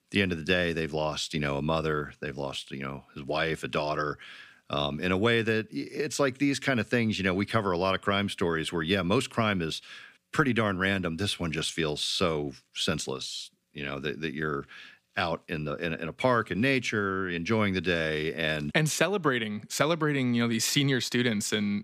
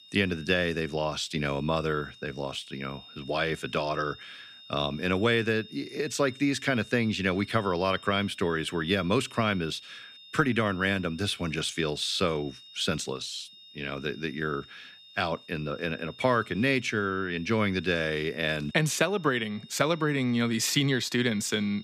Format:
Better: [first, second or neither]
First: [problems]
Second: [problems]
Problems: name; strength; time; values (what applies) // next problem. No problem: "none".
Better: first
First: none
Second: high-pitched whine; noticeable; throughout; 3.5 kHz, 20 dB below the speech